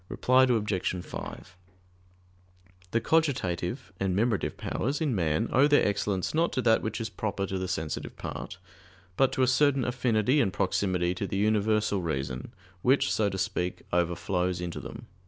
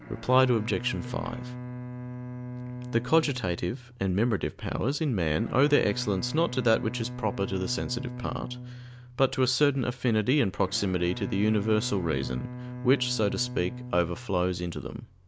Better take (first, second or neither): first